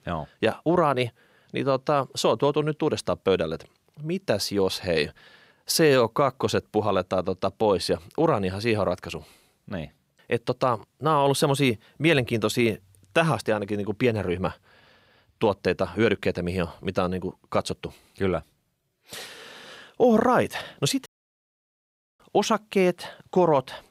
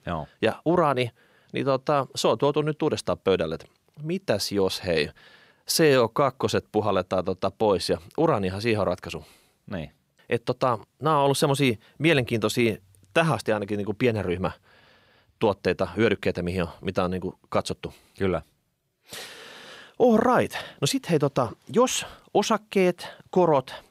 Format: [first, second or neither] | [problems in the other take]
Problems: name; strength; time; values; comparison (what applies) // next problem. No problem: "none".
second | audio cutting out; at 21 s for 1 s